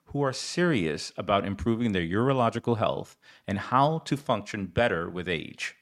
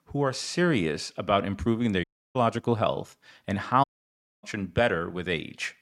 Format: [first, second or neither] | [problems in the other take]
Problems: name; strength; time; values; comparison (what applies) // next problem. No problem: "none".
first | audio cutting out; at 2 s and at 4 s for 0.5 s